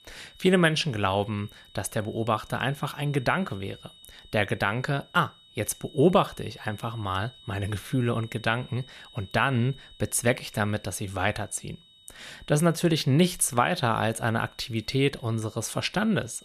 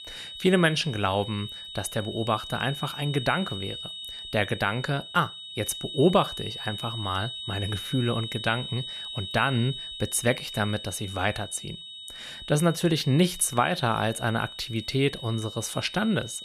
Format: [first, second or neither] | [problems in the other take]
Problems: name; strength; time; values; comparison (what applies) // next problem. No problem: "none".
first | high-pitched whine; loud; throughout; 3.5 kHz, 9 dB below the speech; faint in the first